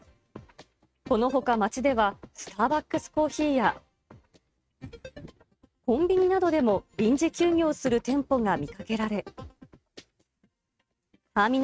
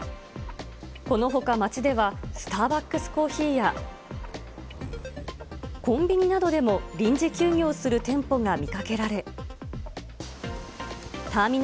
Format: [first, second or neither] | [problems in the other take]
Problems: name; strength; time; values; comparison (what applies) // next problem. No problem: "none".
second | noise reduction (neural mask model RNNoise)